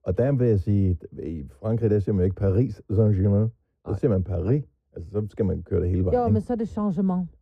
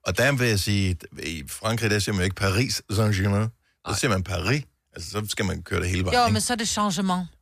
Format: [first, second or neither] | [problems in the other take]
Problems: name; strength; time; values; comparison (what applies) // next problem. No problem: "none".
second | muffled; very; fading above 1 kHz